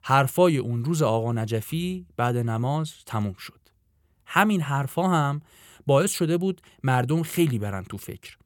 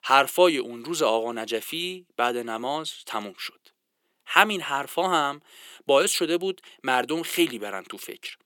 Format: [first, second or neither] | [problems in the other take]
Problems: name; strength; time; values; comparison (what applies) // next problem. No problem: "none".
first | thin; very; fading below 300 Hz